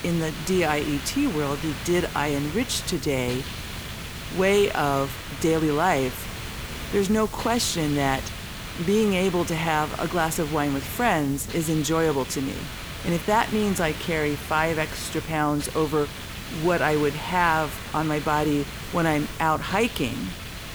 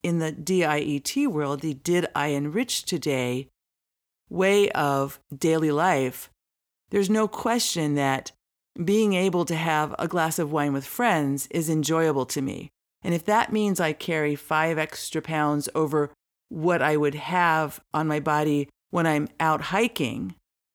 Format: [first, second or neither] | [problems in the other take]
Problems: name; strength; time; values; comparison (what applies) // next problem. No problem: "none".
second | hiss; loud; throughout; 9 dB below the speech